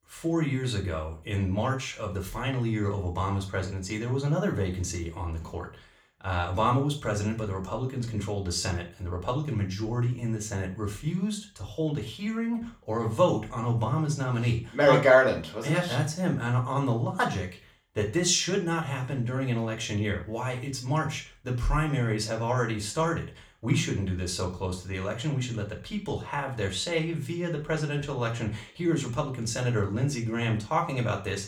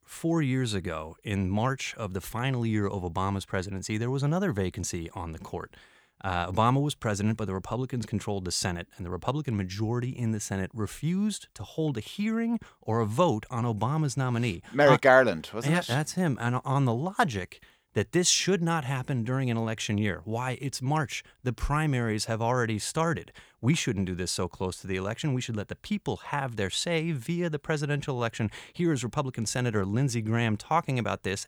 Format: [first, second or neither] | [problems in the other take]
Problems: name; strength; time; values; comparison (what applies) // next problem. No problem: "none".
second | room echo; slight; dies away in 0.3 s // off-mic speech; far